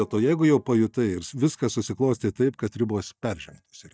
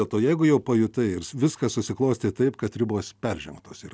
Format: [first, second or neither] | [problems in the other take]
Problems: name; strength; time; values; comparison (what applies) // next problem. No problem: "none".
second | noise reduction (neural mask model DeepFilterNet 3)